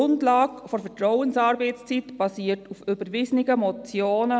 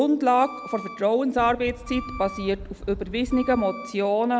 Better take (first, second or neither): first